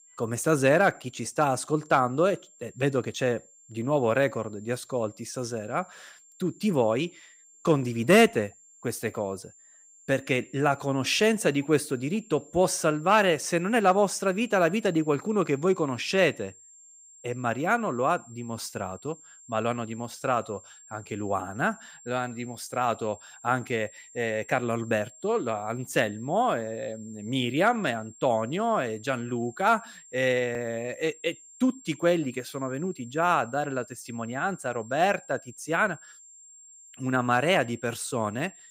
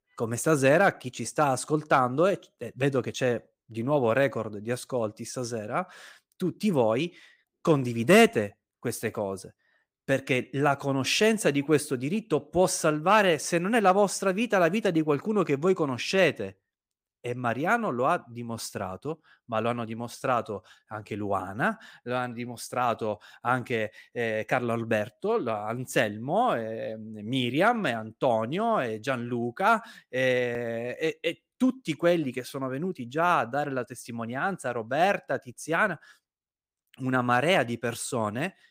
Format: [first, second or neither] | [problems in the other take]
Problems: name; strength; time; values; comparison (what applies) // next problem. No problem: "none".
second | high-pitched whine; faint; throughout; 7.5 kHz, 25 dB below the speech